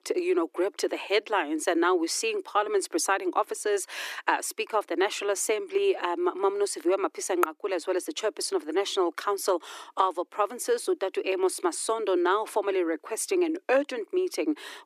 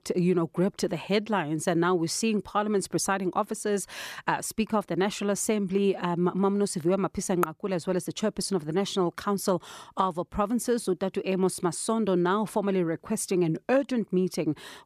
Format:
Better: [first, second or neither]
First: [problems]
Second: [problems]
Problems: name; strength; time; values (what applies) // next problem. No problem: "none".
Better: second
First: thin; very; fading below 300 Hz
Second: none